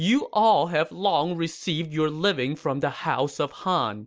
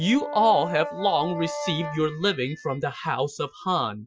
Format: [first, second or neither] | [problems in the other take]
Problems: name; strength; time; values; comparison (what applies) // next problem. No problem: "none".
first | noise reduction (classical method Wiener filter)